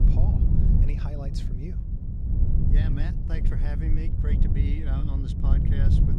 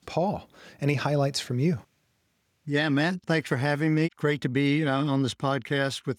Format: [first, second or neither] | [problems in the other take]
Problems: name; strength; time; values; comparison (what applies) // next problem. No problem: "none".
second | wind noise on the microphone; heavy; 3 dB above the speech